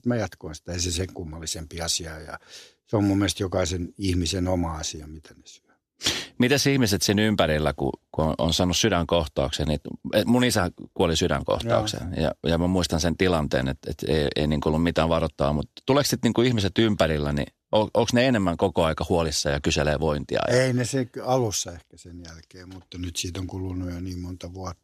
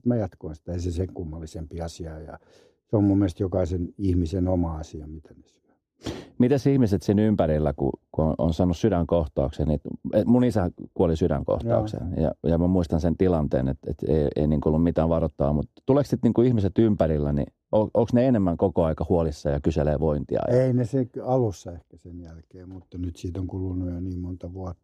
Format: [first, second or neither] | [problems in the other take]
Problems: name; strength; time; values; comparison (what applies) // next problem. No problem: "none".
first | muffled; very; fading above 1 kHz